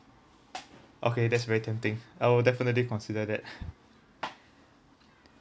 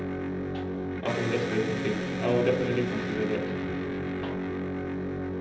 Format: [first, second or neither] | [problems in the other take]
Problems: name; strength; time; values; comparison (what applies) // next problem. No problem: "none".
first | background sound (Electric guitar); 1 dB above the speech // room echo; dies away in 1.2 s